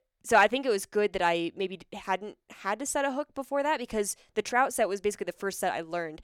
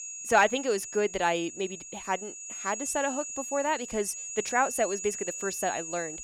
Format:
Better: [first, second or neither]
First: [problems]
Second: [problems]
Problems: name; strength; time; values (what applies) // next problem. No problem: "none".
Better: first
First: none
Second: high-pitched whine; loud; throughout; 7 kHz, 7 dB below the speech